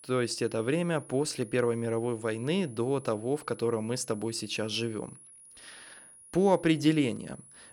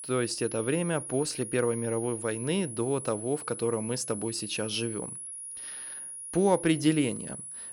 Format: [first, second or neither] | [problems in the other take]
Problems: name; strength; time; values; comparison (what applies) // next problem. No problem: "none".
first | high-pitched whine; loud; throughout; 10.5 kHz, 8 dB below the speech; faint in the first